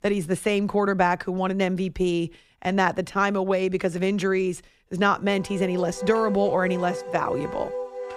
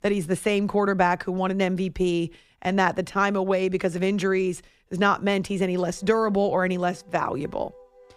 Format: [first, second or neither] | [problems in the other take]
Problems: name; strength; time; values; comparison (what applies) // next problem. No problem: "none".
second | background music; loud; from 5.5 s on; 9 dB below the speech; faint in the second